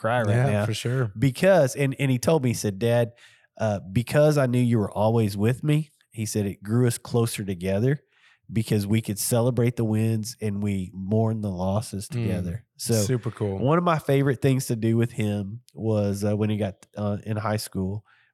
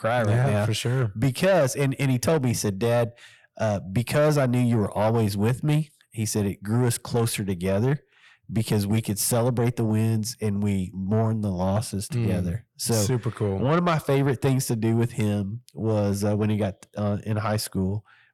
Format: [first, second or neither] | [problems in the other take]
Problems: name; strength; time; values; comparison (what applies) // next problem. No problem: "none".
first | distortion; slight; 10 dB below the speech